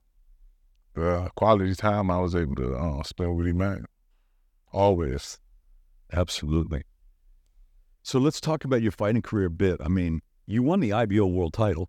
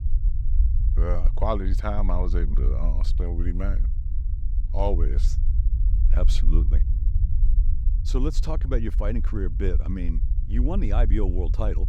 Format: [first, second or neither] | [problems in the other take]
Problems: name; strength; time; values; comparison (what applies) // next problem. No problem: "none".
first | low rumble; noticeable; throughout; 15 dB below the speech